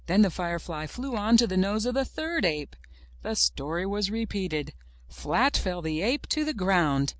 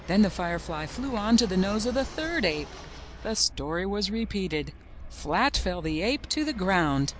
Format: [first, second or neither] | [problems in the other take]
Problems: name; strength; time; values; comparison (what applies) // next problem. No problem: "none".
first | background sound (Fixed-wing aircraft, airplane); 16 dB below the speech